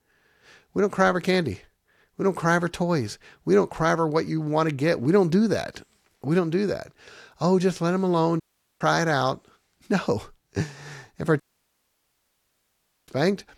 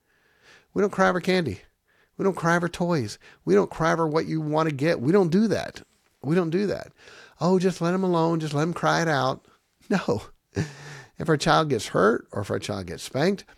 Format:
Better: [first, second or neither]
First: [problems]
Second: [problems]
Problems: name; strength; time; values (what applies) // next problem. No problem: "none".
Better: second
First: audio cutting out; at 8.5 s and at 11 s for 1.5 s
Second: none